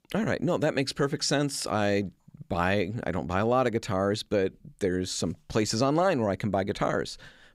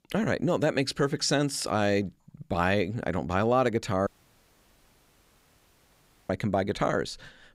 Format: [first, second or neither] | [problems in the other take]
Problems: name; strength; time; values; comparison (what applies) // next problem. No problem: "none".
first | audio cutting out; at 4 s for 2 s